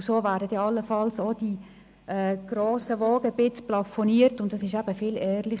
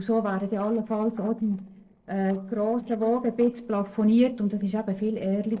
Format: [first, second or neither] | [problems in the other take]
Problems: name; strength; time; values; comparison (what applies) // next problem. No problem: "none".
first | noise reduction (neural separator model SepFormer DNS4)